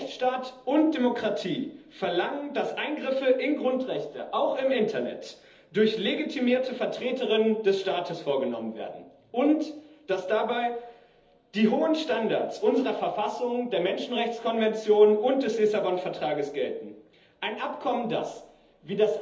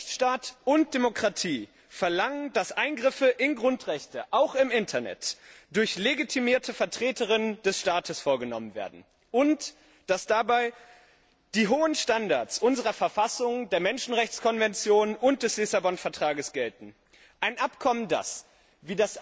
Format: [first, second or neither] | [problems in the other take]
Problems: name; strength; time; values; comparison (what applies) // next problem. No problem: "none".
second | room echo; dies away in 1.2 s